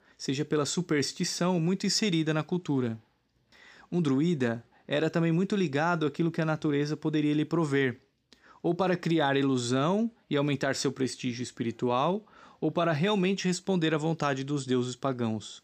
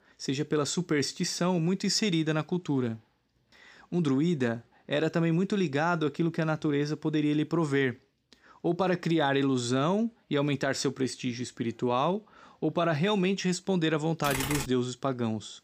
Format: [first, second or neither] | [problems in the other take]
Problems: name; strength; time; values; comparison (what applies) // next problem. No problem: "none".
first | keyboard typing; noticeable; at 14 s; peak 3 dB below the speech